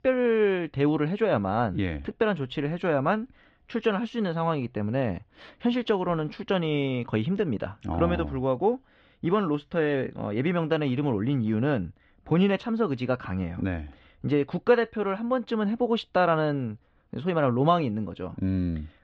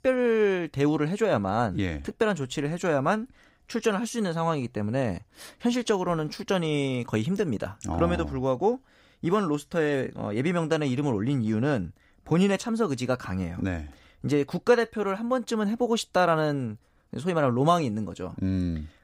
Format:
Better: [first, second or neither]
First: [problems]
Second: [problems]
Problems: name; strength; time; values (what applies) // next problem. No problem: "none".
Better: second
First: muffled; slightly; fading above 3.5 kHz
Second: none